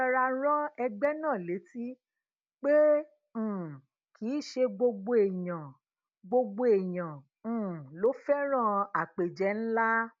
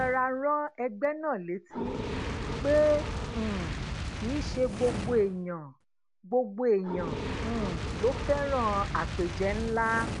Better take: first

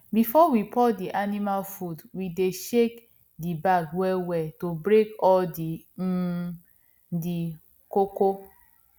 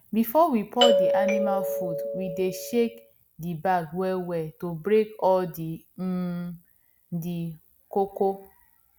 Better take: first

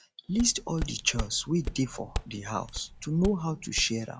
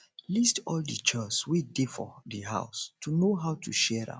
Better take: second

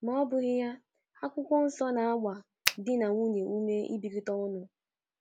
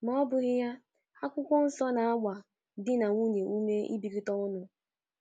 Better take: second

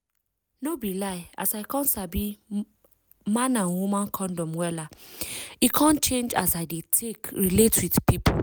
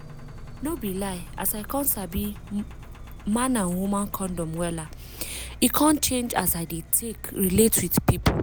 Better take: first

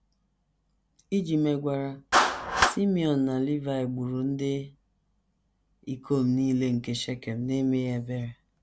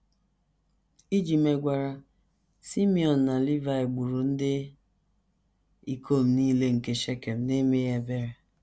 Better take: second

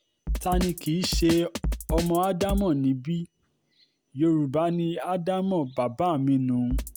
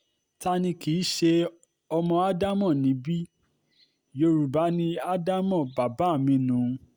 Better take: second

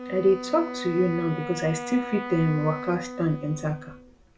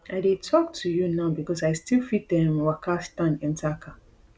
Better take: second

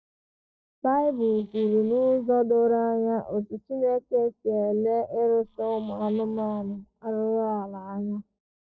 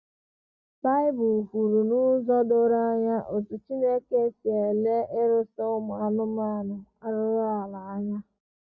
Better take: second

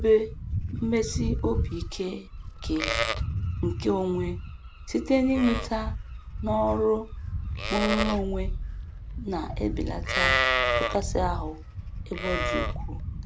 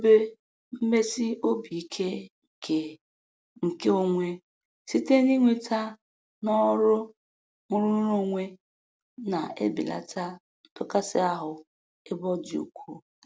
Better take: second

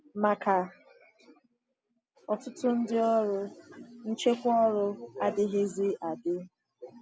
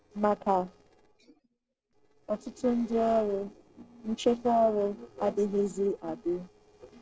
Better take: first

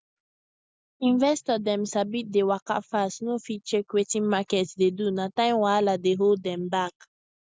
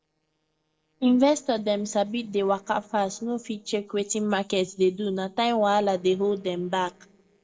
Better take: first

